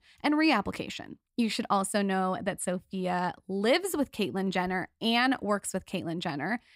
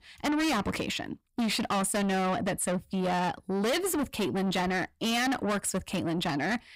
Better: first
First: none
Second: distortion; heavy; 6 dB below the speech

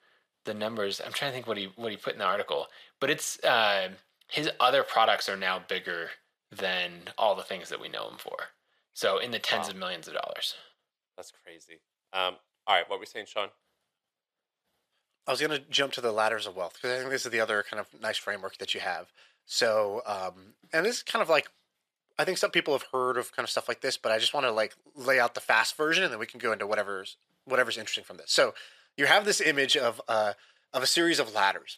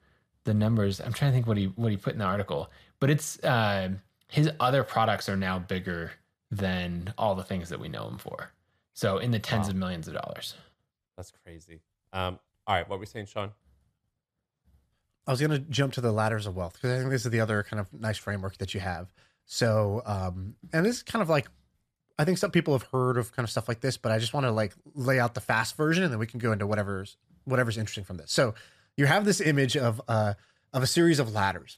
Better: second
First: thin; very; fading below 500 Hz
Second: none

